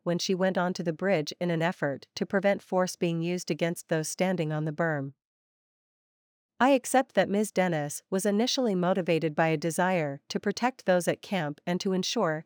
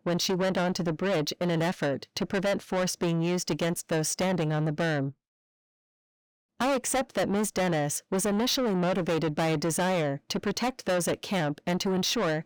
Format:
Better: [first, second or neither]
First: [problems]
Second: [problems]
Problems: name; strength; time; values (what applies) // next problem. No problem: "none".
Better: first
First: none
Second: distortion; heavy; 6 dB below the speech